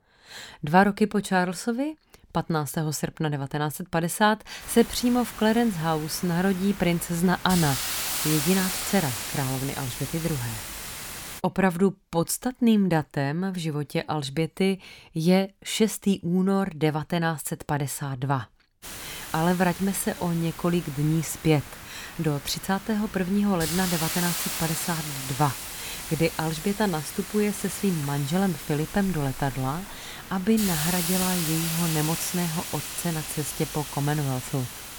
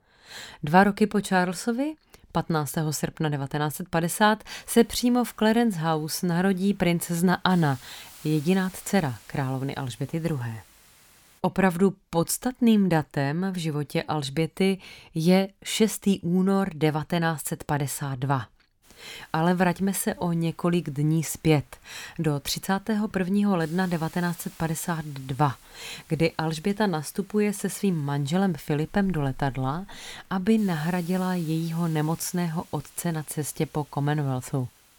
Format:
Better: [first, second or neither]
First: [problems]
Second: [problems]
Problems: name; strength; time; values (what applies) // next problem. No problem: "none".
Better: second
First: hiss; loud; from 4.5 to 11 s and from 19 s on; 6 dB below the speech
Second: hiss; faint; from 4.5 to 11 s and from 19 s on; 25 dB below the speech